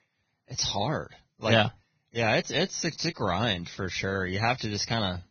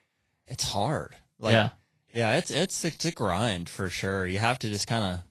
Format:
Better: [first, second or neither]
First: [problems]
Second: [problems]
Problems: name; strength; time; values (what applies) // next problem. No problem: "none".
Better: second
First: garbled, watery; badly; nothing above 6 kHz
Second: garbled, watery; slightly; nothing above 12.5 kHz